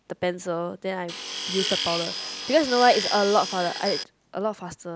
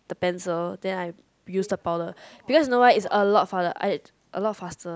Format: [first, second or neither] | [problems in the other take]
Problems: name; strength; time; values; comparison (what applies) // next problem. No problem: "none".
second | background sound (Tools); 5 dB below the speech